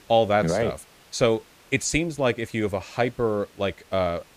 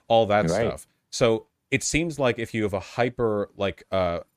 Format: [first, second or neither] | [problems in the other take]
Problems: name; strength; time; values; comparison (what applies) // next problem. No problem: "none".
second | hiss; faint; throughout; 30 dB below the speech